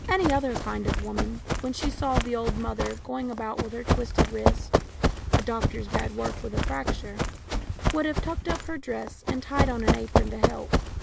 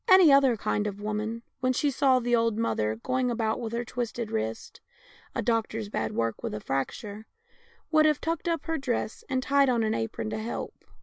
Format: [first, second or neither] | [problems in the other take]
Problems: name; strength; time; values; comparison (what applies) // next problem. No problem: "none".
second | background sound (Run); 4 dB above the speech